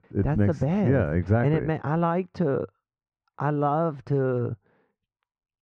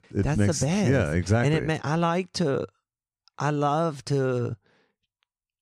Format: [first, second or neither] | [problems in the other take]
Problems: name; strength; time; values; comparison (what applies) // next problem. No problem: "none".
second | muffled; very; fading above 4 kHz